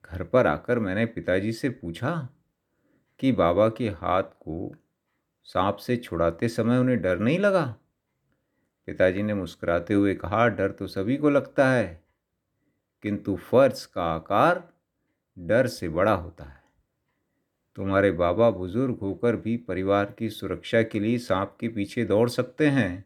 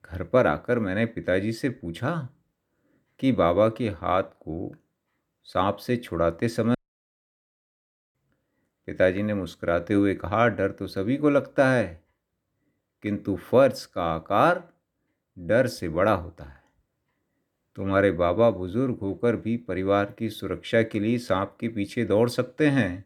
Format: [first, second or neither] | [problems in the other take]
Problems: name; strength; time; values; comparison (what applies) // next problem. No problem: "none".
first | audio cutting out; at 7 s for 1.5 s